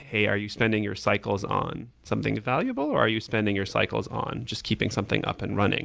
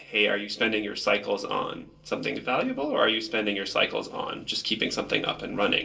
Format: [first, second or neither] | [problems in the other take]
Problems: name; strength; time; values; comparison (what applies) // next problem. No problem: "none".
first | room echo; dies away in 0.2 s